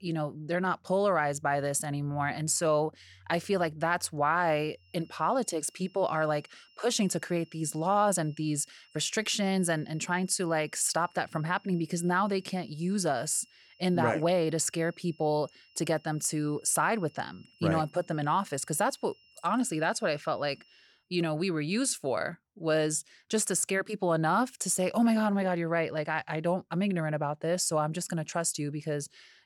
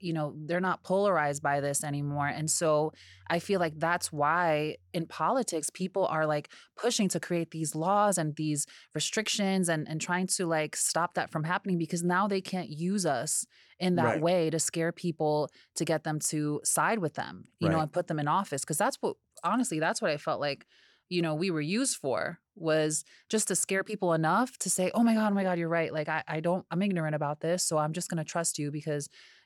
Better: second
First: high-pitched whine; faint; from 5 to 21 s; 3 kHz, 30 dB below the speech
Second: none

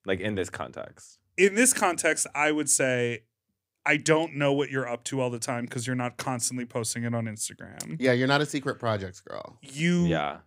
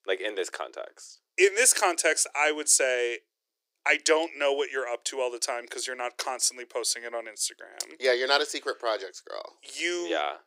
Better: first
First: none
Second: thin; very; fading below 350 Hz

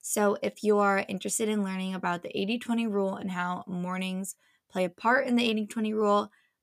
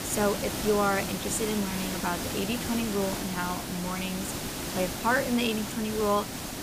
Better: first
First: none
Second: hiss; loud; throughout; 3 dB below the speech

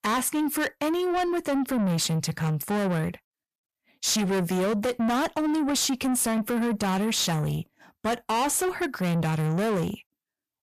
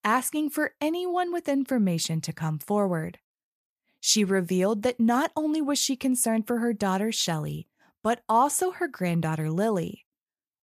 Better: second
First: distortion; heavy; 7 dB below the speech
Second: none

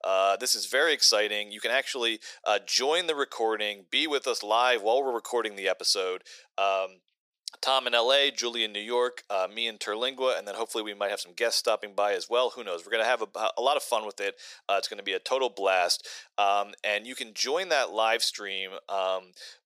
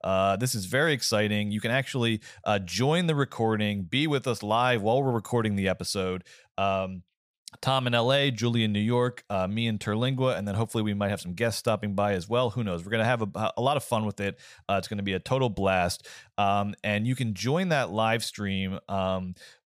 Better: second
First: thin; very; fading below 350 Hz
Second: none

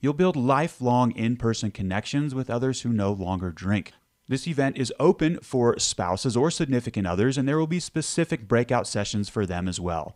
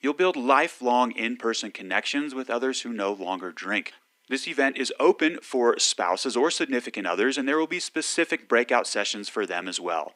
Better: first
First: none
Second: thin; somewhat; fading below 250 Hz

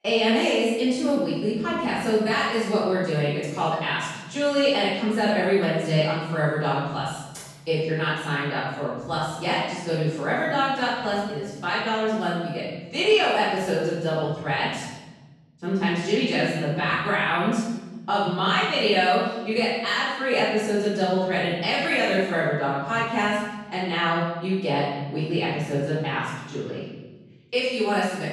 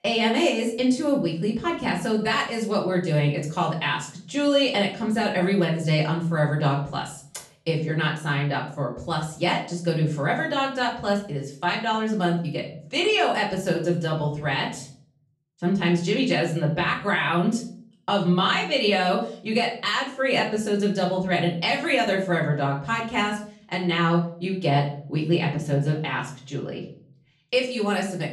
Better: second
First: room echo; strong; dies away in 1.1 s // off-mic speech; far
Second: room echo; slight; dies away in 0.5 s // off-mic speech; far

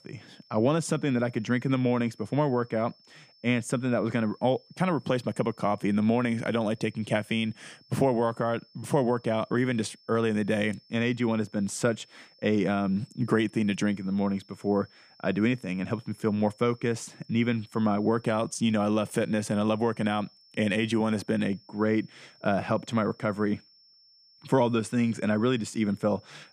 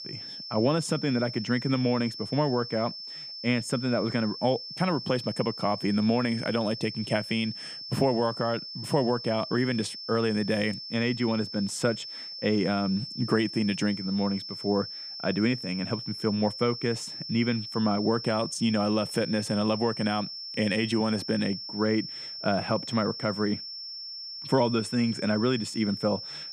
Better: first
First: high-pitched whine; faint; throughout; 5.5 kHz, 30 dB below the speech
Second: high-pitched whine; loud; throughout; 5.5 kHz, 8 dB below the speech

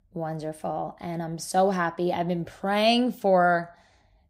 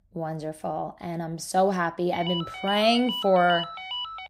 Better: first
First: none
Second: phone ringing; noticeable; from 2 s on; peak 6 dB below the speech

